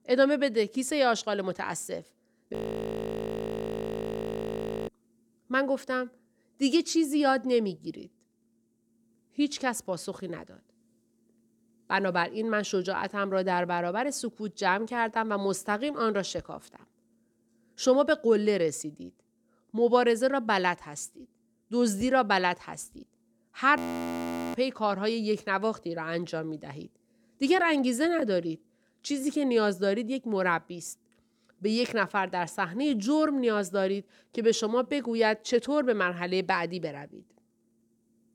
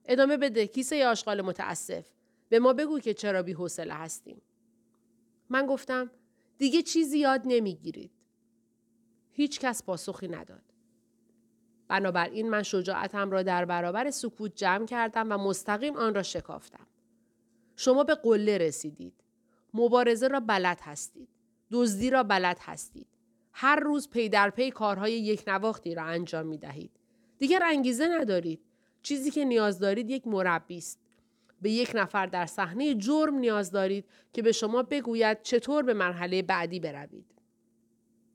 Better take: second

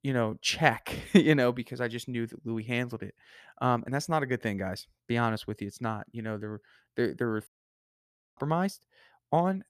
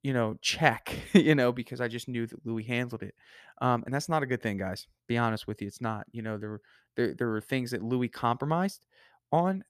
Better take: second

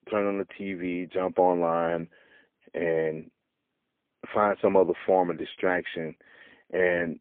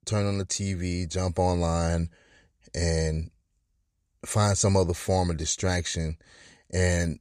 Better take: second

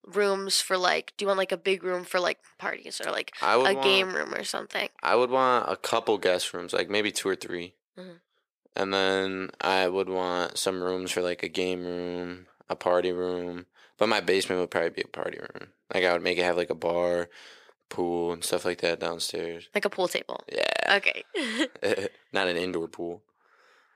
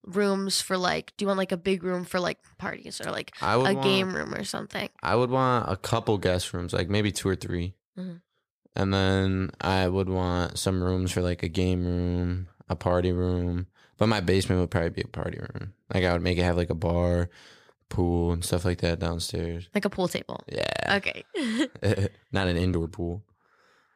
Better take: second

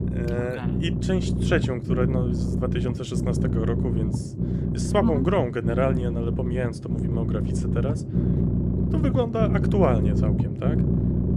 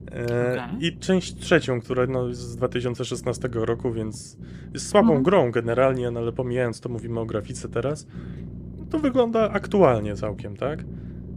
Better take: second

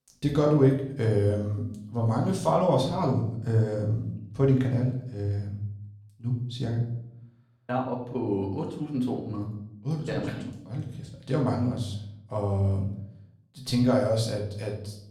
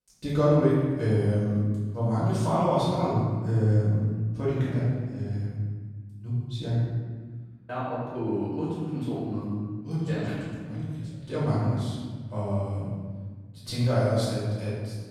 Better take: first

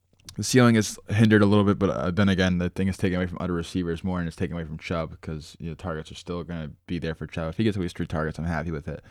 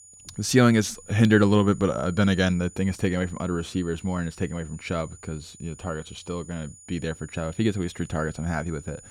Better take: first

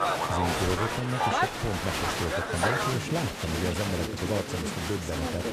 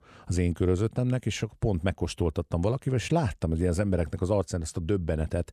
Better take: second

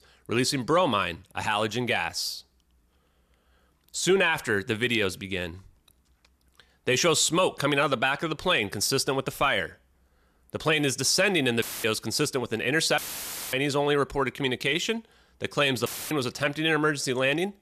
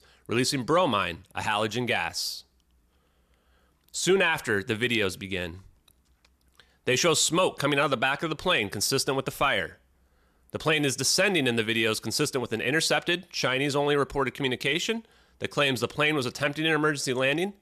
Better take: second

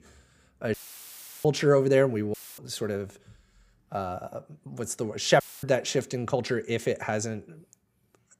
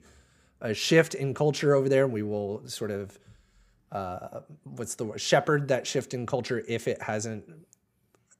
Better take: second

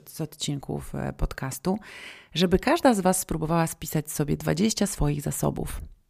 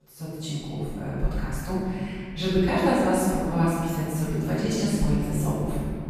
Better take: first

